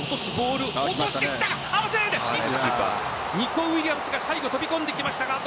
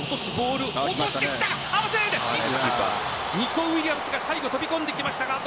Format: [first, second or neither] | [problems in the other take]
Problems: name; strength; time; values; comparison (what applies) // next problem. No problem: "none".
first | background sound (Rattle (instrument)); 14 dB below the speech